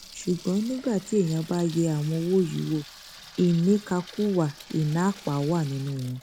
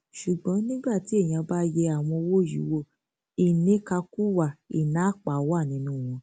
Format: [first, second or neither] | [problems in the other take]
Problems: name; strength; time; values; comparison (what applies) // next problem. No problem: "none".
second | background sound (Sink (filling or washing) / Water tap, faucet); 20 dB below the speech